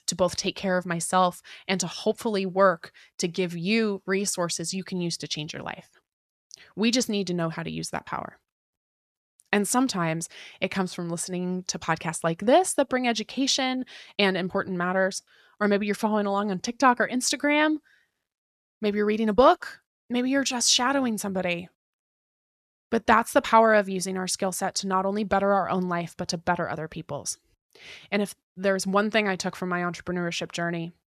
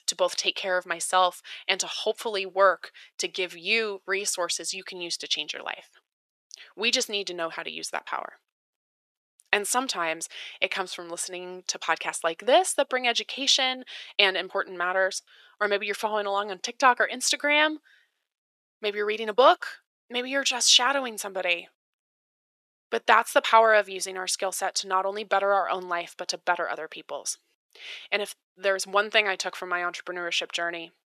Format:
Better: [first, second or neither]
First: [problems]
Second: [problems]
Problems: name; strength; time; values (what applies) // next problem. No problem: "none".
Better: first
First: none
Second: thin; very; fading below 400 Hz